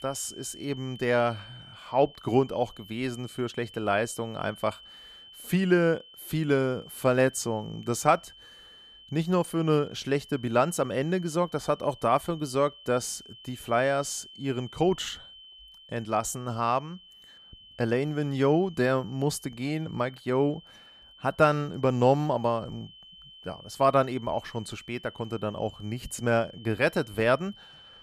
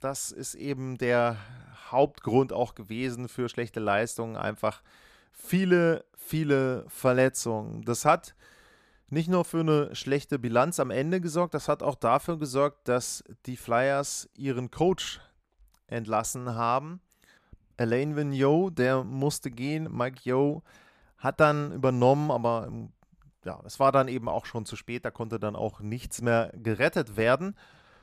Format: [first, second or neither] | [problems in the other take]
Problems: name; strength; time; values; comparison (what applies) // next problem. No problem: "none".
second | high-pitched whine; faint; throughout; 3 kHz, 20 dB below the speech